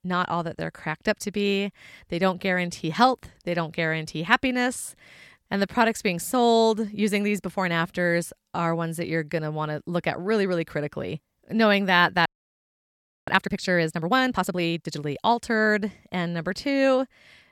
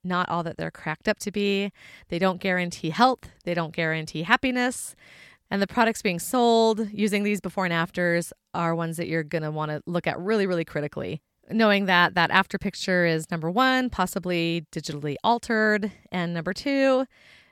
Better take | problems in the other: second | audio freezing; at 12 s for 1 s

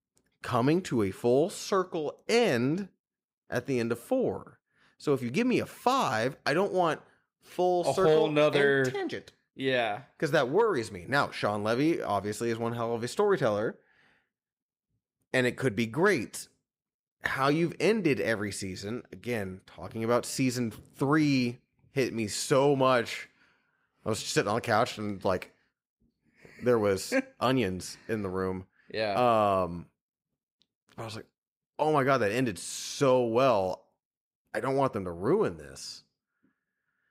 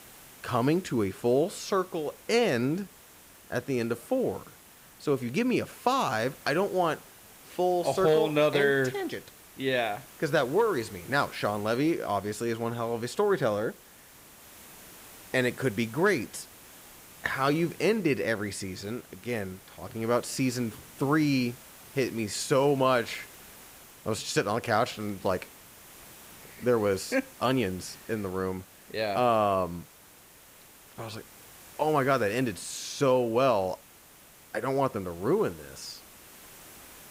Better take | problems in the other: first | hiss; faint; throughout; 20 dB below the speech

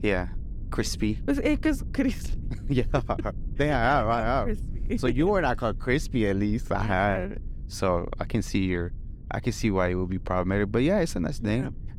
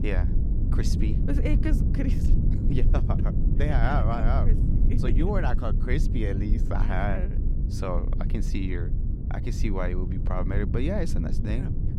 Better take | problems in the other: first | low rumble; loud; throughout; 6 dB below the speech; faint in the first

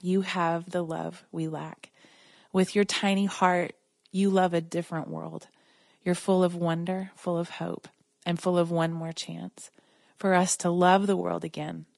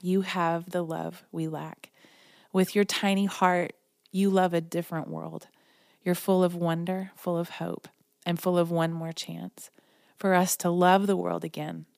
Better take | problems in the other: second | garbled, watery; slightly; nothing above 10.5 kHz

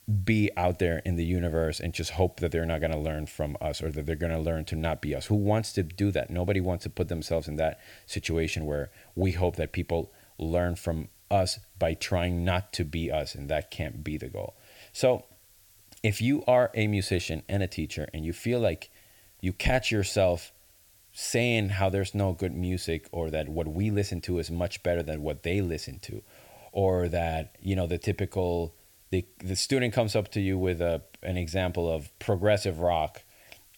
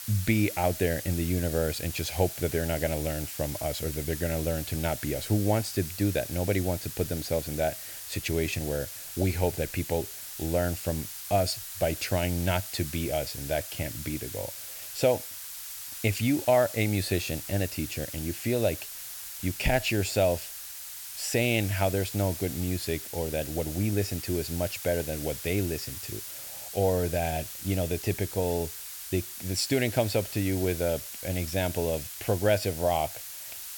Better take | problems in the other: first | hiss; loud; throughout; 7 dB below the speech; faint in the first

